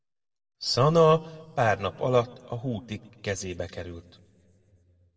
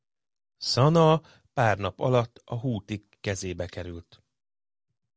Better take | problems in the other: second | room echo; dies away in 0.9 s

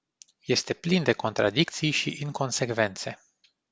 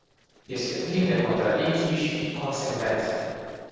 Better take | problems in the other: first | noise reduction (neural separator model SepFormer DNS4)

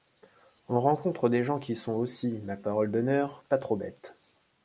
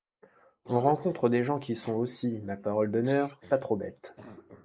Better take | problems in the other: first | noise reduction (neural mask model Resemble Enhance denoiser)

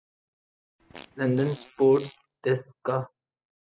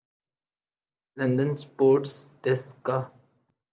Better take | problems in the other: second | noise reduction (classical method spectral subtraction)

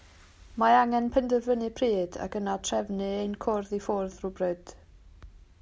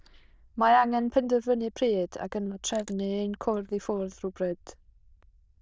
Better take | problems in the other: first | noise reduction (neural diffusion model UNIVERSE++)

